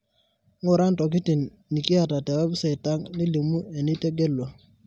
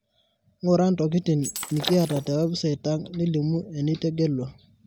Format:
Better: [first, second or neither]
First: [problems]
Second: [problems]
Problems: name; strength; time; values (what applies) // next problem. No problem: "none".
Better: first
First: none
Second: background sound (Shatter); 12 dB below the speech